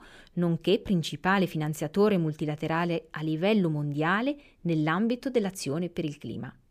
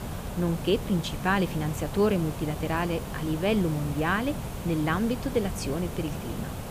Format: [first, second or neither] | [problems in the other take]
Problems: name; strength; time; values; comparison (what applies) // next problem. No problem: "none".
first | hiss; loud; throughout; 7 dB below the speech